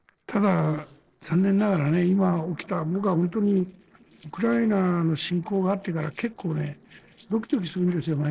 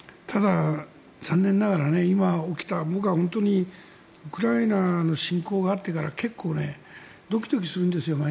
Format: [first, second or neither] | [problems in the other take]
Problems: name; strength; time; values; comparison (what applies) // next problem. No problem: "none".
second | noise reduction (neural separator model SepFormer DNS4)